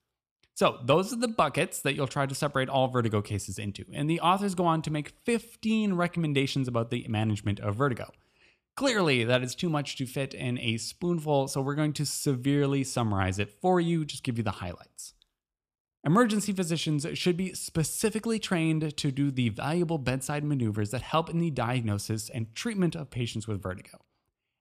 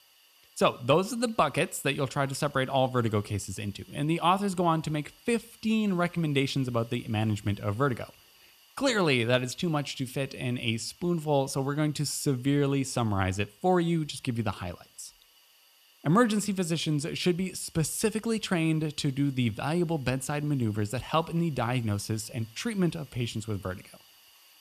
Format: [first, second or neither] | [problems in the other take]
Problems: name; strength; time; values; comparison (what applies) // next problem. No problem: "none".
first | hiss; faint; throughout; 25 dB below the speech